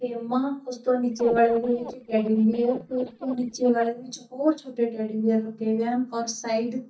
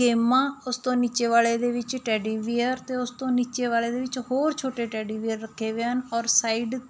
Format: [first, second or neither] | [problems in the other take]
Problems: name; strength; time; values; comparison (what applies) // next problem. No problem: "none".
second | noise reduction (neural mask model DeepFilterNet 3)